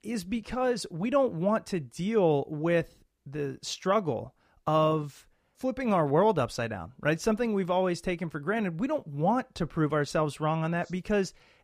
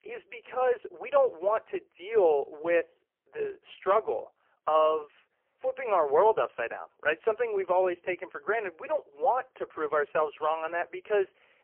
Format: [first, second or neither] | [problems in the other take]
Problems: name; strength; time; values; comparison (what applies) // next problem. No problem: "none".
first | phone-call audio; poor line; nothing above 3 kHz